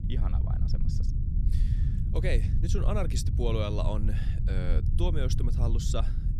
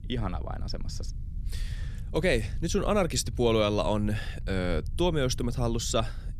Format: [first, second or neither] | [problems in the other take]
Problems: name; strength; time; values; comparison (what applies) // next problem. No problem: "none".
second | low rumble; loud; throughout; 7 dB below the speech; faint in the second